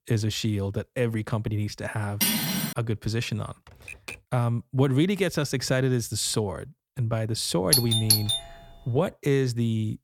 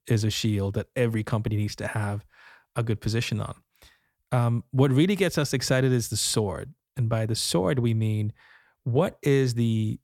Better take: second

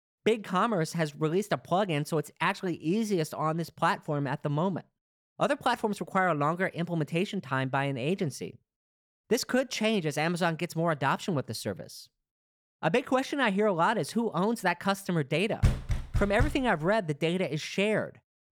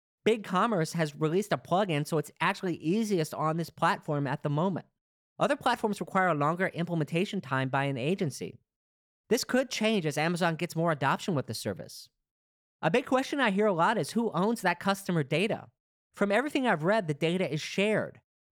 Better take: second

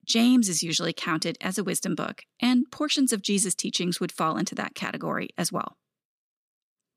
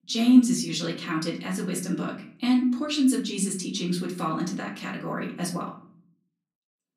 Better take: first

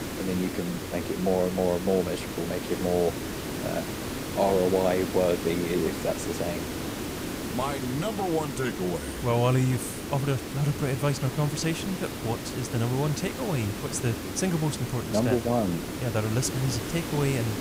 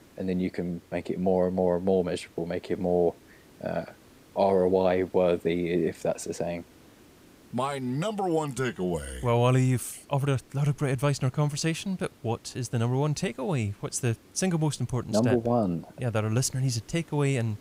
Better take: second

